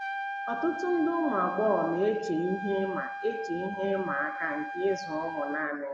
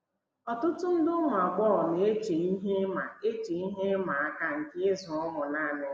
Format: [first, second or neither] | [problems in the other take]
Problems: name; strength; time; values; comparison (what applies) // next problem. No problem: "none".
second | background sound (Trumpet); 7 dB below the speech